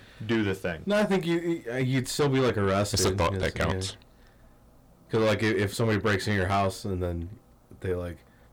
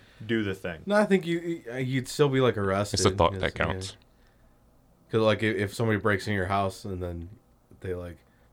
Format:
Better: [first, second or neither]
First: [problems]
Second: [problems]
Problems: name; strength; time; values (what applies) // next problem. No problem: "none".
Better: second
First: distortion; heavy; 7 dB below the speech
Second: none